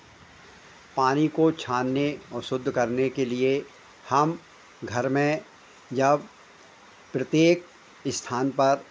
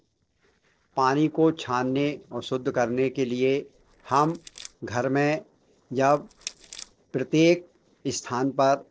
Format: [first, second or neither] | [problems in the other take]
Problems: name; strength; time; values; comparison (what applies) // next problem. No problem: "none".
first | noise reduction (neural separator model SepFormer DNS4)